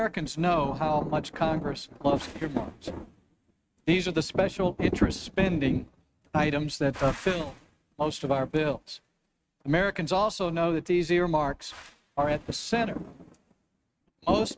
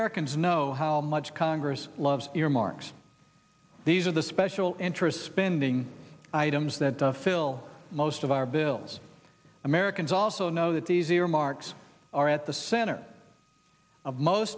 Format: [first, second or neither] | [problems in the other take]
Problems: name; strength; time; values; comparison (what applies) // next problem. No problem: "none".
second | noise reduction (neural mask model RNNoise)